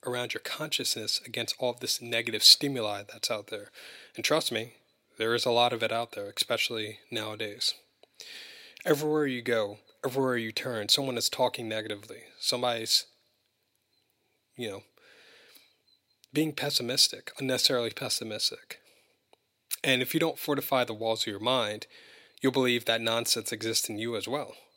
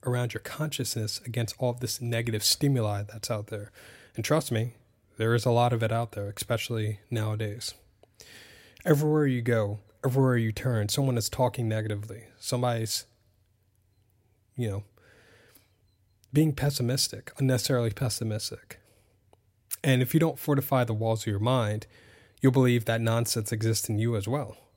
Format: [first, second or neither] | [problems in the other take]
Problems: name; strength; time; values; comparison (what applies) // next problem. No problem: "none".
second | thin; somewhat; fading below 300 Hz